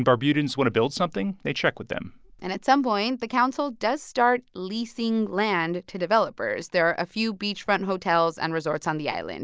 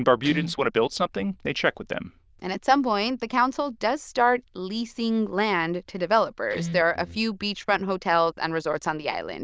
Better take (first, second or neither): first